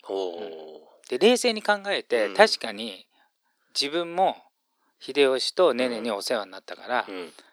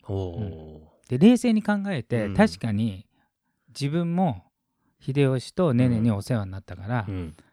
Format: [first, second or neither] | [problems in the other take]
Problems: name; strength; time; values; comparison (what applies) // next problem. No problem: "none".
second | thin; very; fading below 350 Hz